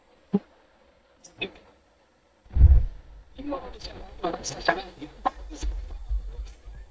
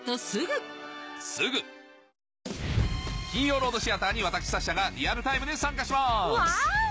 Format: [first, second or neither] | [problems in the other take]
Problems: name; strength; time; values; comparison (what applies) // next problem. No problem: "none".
second | noise reduction (neural mask model DeepFilterNet 3)